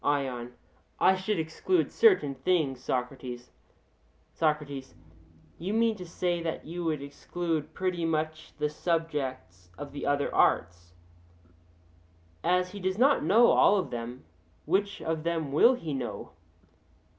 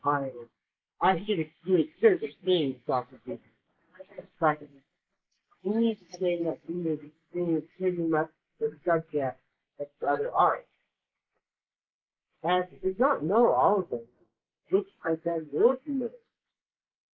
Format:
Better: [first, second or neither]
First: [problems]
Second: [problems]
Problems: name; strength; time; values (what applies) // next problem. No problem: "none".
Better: first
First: none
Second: noise reduction (neural mask model Resemble Enhance denoiser)